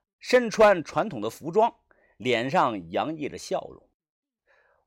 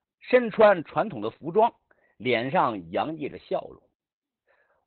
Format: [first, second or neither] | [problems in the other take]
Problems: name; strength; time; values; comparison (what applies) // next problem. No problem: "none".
first | garbled, watery; badly; nothing above 4 kHz